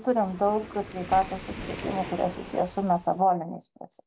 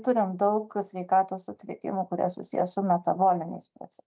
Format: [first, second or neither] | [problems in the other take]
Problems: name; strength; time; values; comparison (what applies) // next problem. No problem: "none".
second | background sound (Waves, surf); 13 dB below the speech